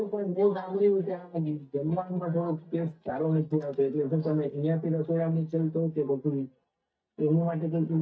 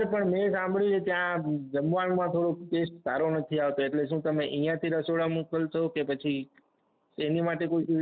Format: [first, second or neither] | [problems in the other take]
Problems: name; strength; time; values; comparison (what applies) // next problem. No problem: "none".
second | noise reduction (neural mask model DeepFilterNet 3)